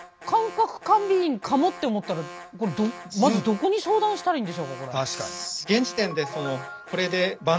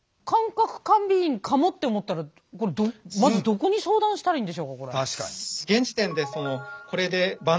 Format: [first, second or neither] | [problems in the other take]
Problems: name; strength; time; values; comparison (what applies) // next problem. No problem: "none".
second | background sound (Alarm); 16 dB below the speech